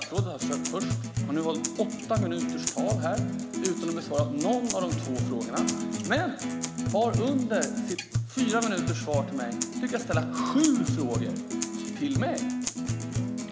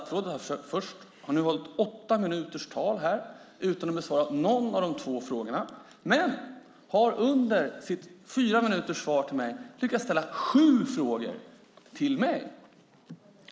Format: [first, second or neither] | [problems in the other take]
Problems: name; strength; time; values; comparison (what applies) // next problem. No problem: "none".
second | background sound (Acoustic guitar); as loud as the speech